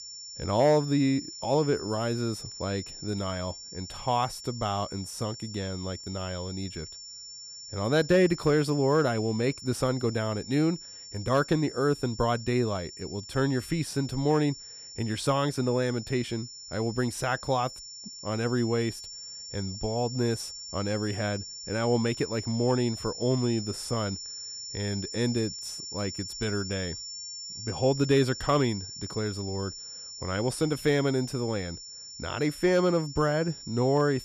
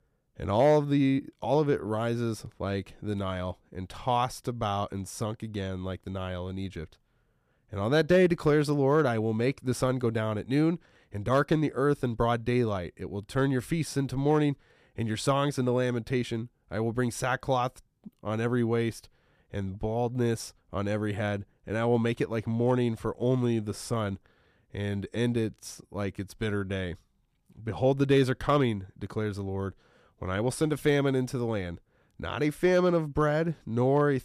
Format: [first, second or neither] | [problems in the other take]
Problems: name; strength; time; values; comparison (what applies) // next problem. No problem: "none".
second | high-pitched whine; noticeable; throughout; 5.5 kHz, 10 dB below the speech